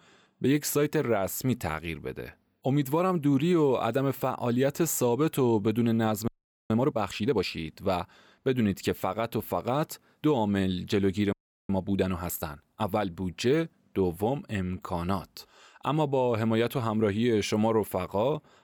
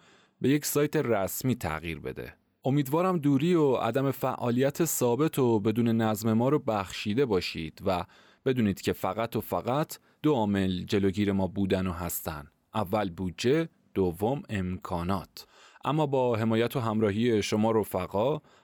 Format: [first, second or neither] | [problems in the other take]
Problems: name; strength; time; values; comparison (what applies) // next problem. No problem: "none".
second | audio freezing; at 6.5 s and at 11 s